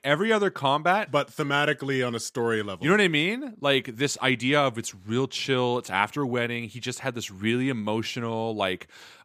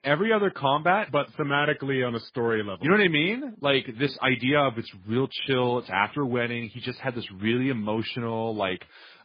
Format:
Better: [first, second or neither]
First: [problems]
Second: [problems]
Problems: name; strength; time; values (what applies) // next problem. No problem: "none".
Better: first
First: none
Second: garbled, watery; badly; nothing above 5 kHz